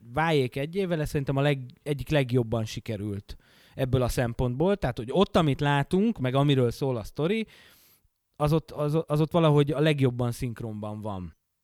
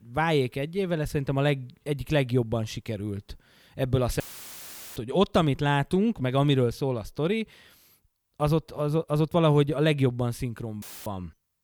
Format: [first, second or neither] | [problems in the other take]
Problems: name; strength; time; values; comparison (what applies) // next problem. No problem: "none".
first | audio cutting out; filled with static; at 4 s for 1 s and at 11 s